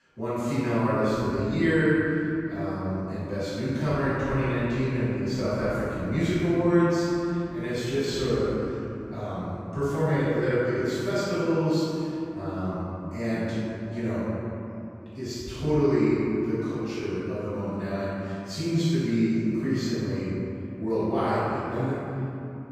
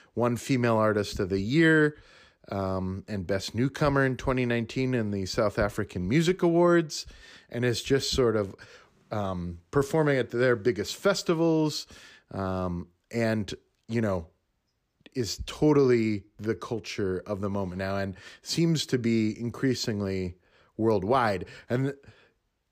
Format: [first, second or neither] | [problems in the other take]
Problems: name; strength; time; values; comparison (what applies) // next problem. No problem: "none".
second | room echo; strong; dies away in 3 s // off-mic speech; far